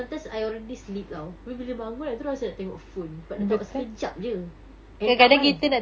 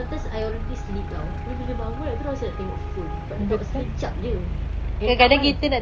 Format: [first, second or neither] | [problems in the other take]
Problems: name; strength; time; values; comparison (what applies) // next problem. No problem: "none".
first | background sound (Traffic noise, roadway noise); 2 dB below the speech